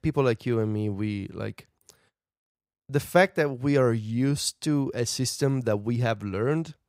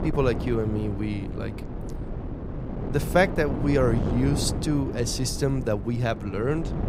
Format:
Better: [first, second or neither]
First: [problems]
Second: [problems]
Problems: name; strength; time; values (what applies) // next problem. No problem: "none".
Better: first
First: none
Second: wind noise on the microphone; heavy; 10 dB below the speech